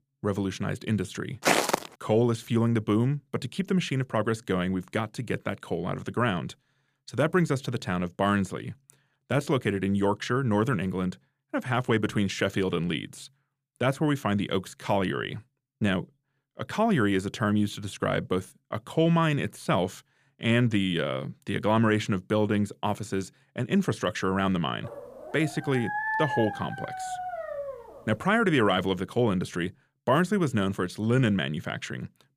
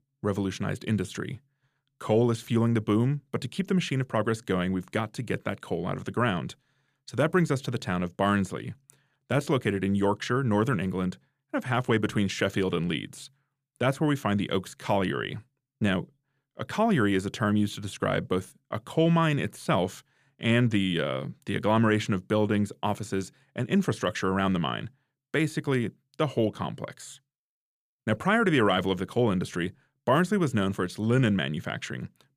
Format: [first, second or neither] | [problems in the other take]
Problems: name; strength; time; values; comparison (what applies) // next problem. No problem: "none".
second | footsteps; loud; at 1.5 s; peak 4 dB above the speech // dog barking; noticeable; from 25 to 28 s; peak 1 dB below the speech